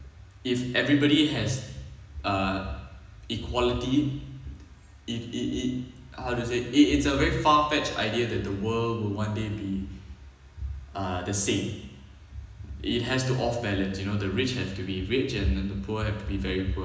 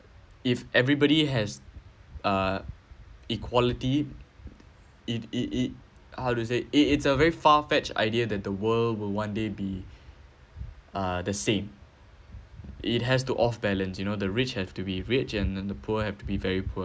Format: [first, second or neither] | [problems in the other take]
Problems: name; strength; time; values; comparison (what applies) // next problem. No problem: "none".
second | room echo; dies away in 1 s